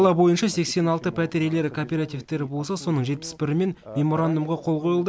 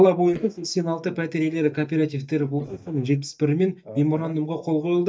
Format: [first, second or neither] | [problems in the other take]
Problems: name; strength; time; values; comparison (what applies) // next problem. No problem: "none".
first | noise reduction (neural mask model DeepFilterNet 3)